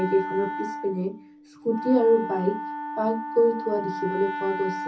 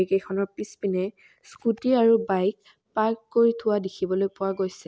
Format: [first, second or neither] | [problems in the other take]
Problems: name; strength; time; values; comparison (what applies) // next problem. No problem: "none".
second | background sound (Wind instrument, woodwind instrument); 7 dB below the speech // room echo; dies away in 0.3 s